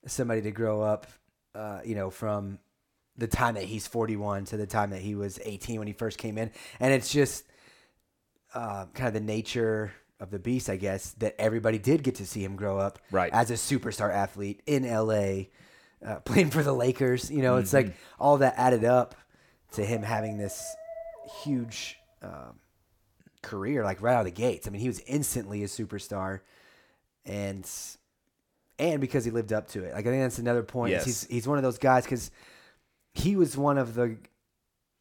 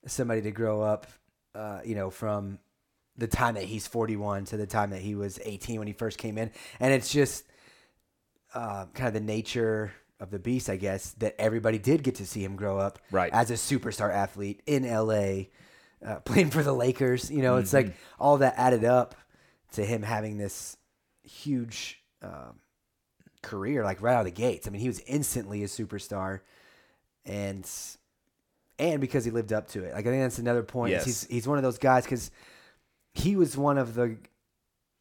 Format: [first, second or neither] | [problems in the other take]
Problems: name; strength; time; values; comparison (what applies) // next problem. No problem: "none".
second | dog barking; faint; from 20 to 22 s; peak 10 dB below the speech